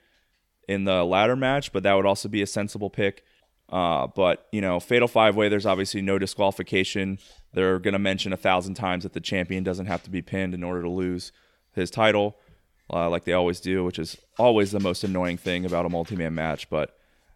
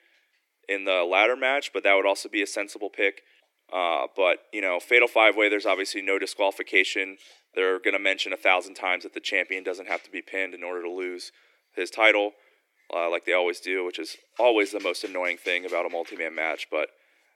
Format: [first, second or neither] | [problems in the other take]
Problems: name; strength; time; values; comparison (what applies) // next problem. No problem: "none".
first | thin; somewhat; fading below 300 Hz